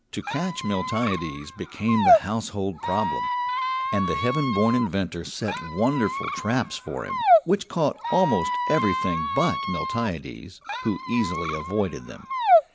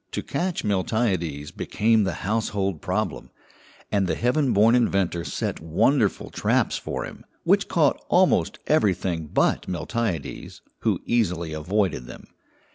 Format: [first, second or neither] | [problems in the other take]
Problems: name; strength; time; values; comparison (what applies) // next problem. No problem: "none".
second | background sound (Squeak); as loud as the speech